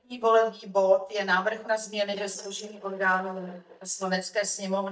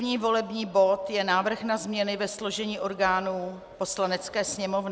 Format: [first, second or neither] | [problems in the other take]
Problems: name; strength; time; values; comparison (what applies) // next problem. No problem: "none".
second | noise reduction (neural mask model DeepFilterNet 3)